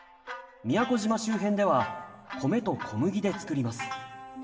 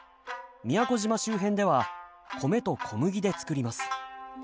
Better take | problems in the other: second | room echo; dies away in 1.4 s

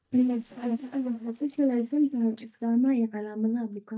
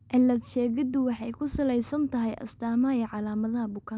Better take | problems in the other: second | noise reduction (neural mask model DeepFilterNet 3)

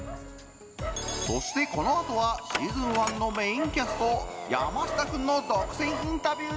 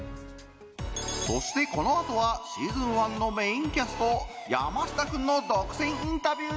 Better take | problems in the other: second | background sound (Dog); 9 dB below the speech

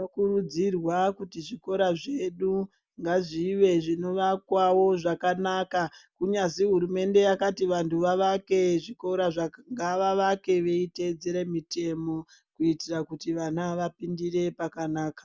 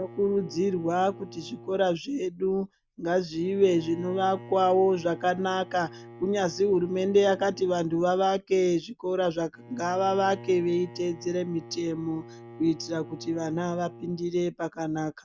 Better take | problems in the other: first | background sound (Bowed string instrument); 19 dB below the speech

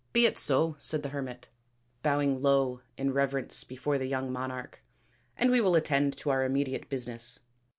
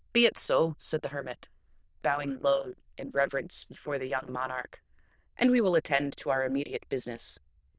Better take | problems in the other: first | noise reduction (neural diffusion model UNIVERSE++)

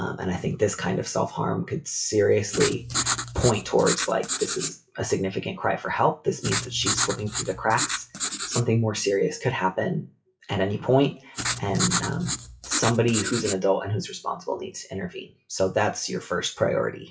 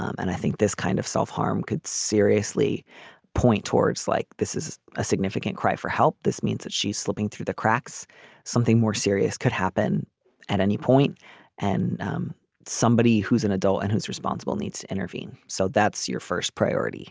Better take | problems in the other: second | noise reduction (classical method WPE with log-MMSE)

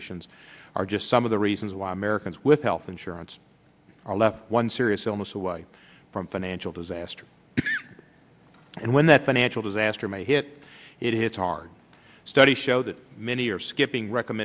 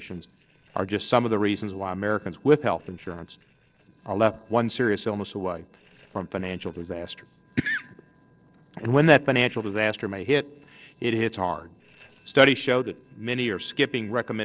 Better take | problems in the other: first | noise reduction (neural separator model SepFormer DNS4)

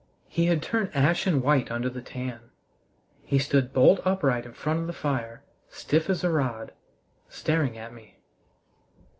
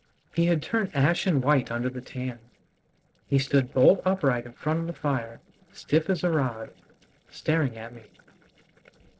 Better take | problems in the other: first | noise reduction (neural separator model SepFormer DNS4)

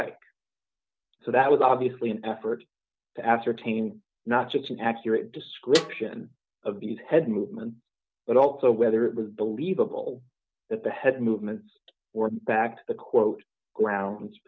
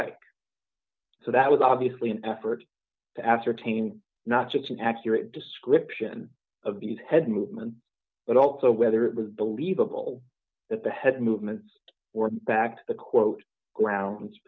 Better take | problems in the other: second | background sound (Snare drum); 8 dB below the speech

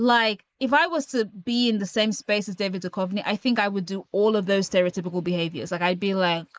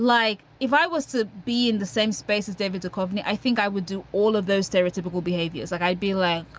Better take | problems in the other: second | noise reduction (neural mask model Resemble Enhance denoiser)

